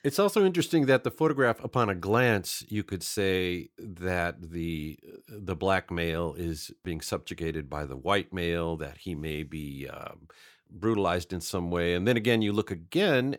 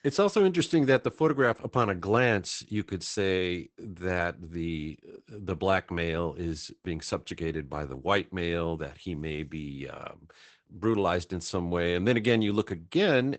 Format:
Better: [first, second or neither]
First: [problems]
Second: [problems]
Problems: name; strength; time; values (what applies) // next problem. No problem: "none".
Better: first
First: none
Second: garbled, watery; badly; nothing above 8 kHz